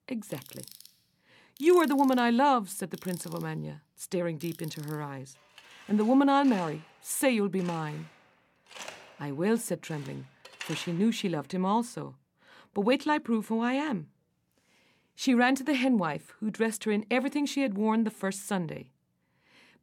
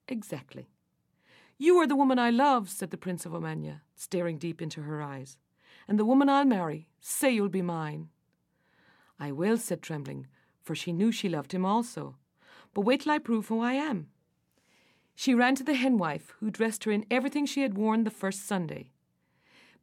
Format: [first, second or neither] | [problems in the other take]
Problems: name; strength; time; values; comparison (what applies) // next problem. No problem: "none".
second | machinery noise; noticeable; until 11 s; 20 dB below the speech